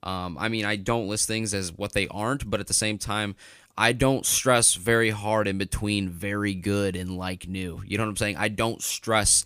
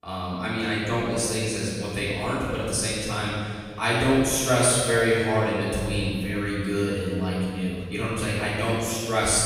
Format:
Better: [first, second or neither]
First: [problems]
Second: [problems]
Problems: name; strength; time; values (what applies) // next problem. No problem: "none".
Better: first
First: none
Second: room echo; strong; dies away in 2 s // off-mic speech; far